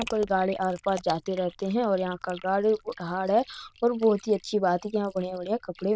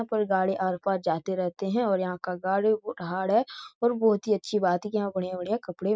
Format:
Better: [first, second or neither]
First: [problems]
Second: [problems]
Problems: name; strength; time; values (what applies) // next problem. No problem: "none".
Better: second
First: noise reduction (neural diffusion model UNIVERSE++)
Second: none